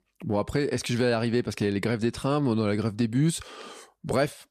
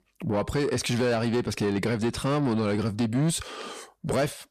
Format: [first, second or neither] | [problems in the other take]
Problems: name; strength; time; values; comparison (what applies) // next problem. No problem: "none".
first | distortion; slight; 10 dB below the speech